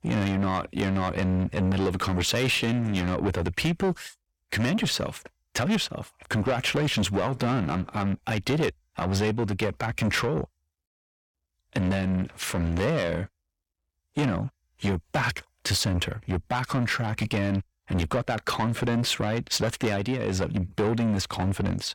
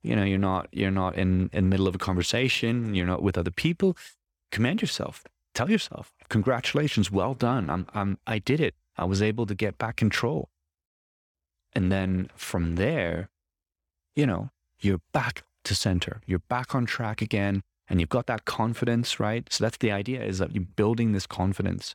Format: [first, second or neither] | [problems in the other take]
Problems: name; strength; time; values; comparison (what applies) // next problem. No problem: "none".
second | distortion; heavy; 7 dB below the speech